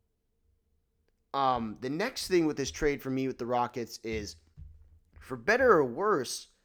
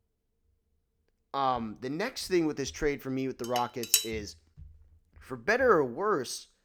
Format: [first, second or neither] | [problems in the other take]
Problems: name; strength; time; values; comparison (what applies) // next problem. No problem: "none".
first | clattering dishes; loud; at 3.5 s; peak 4 dB above the speech